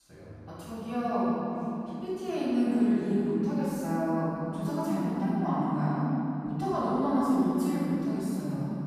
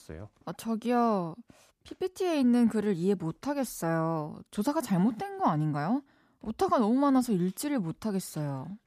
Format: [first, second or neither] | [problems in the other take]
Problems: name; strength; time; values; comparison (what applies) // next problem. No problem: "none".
second | off-mic speech; far // room echo; strong; dies away in 3 s